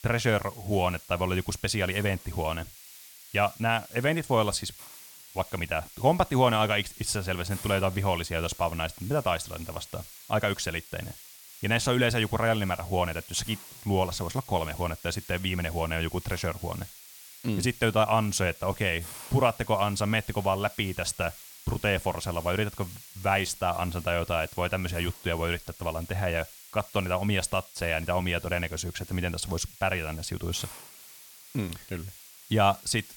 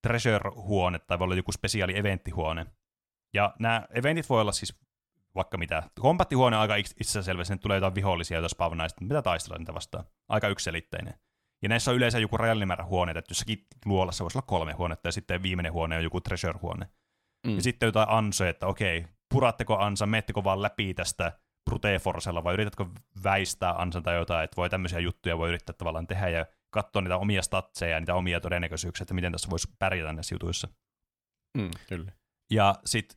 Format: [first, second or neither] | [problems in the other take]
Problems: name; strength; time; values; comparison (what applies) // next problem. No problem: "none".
second | hiss; noticeable; throughout; 15 dB below the speech